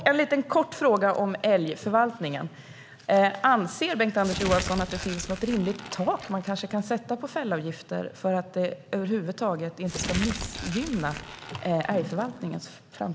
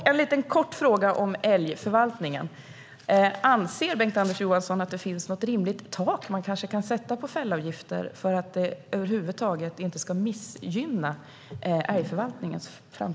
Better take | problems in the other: second | background sound (Crumpling, crinkling); 10 dB below the speech

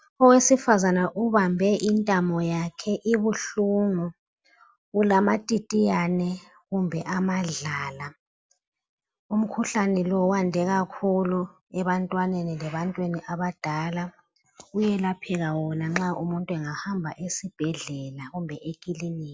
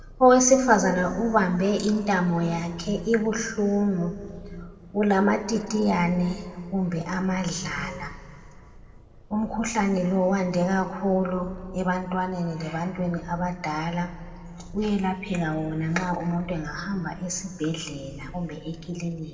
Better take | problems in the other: first | background sound (Purr); 19 dB below the speech // room echo; dies away in 1.6 s

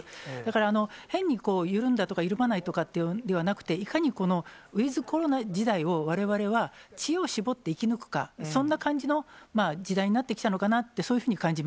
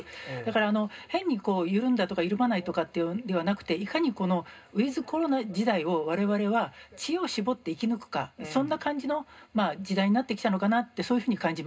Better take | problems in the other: first | room echo; dies away in 0.2 s

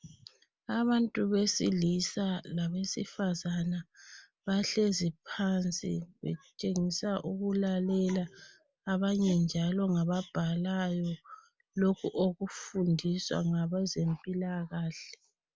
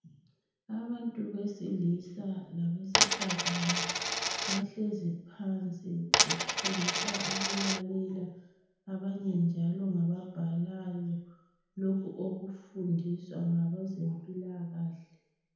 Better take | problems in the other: first | background sound (Coin (dropping)); 4 dB above the speech // room echo; dies away in 0.9 s

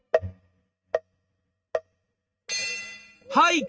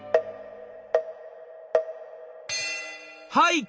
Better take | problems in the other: second | noise reduction (neural mask model RNNoise)

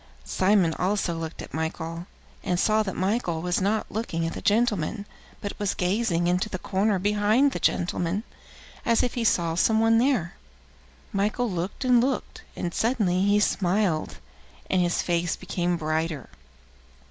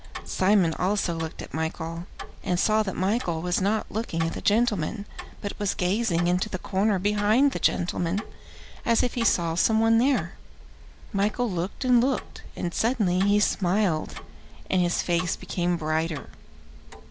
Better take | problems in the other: first | background sound (Tick-tock); 14 dB below the speech

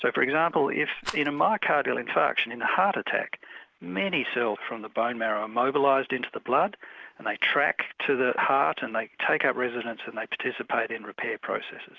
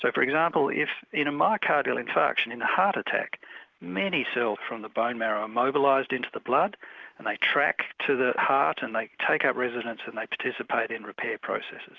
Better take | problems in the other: second | background sound (Rattle); 12 dB below the speech

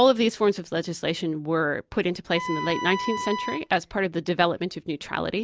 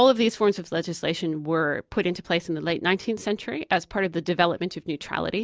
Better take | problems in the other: second | background sound (Wind instrument, woodwind instrument); 7 dB below the speech

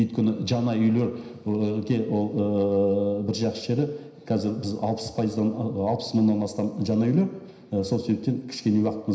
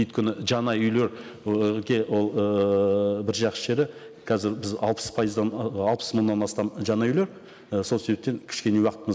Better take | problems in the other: second | room echo; dies away in 0.9 s

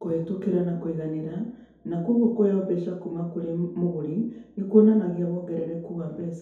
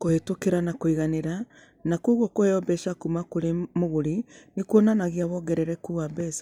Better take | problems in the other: second | room echo; dies away in 2 s

